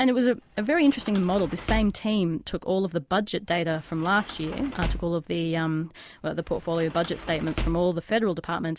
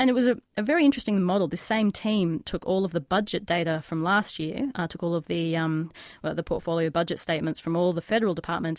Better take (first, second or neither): second